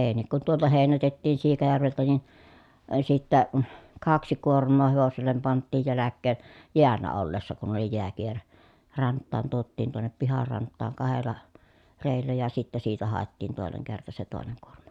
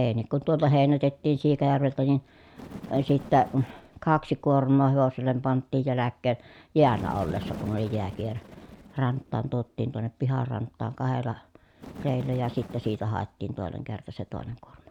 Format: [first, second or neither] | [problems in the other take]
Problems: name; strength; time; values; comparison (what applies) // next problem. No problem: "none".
first | background sound (Bird); 18 dB below the speech